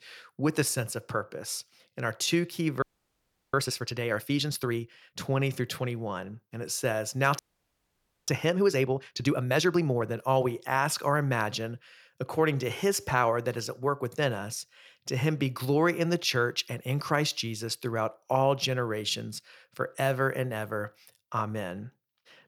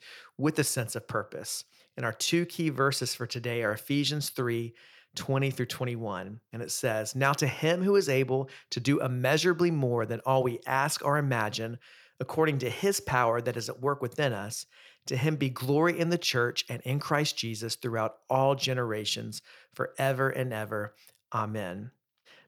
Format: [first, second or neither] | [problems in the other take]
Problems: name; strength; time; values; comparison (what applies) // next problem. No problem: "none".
second | audio freezing; at 3 s for 0.5 s and at 7.5 s for 1 s